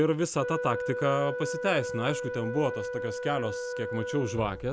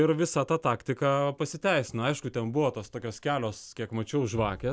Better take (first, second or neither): second